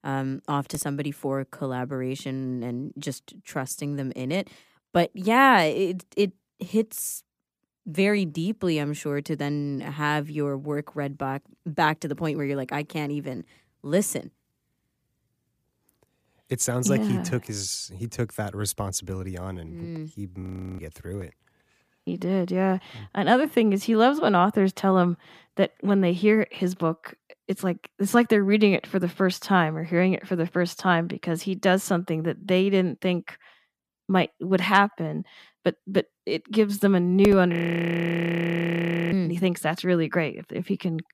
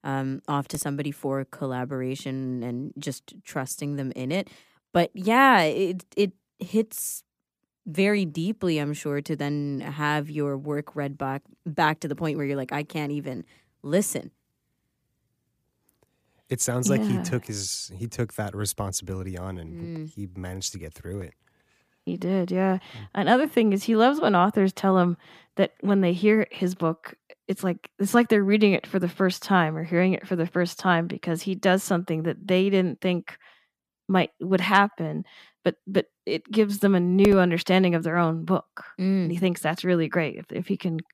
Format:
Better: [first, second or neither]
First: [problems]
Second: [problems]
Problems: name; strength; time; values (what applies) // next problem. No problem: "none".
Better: second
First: audio freezing; at 20 s and at 38 s for 1.5 s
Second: none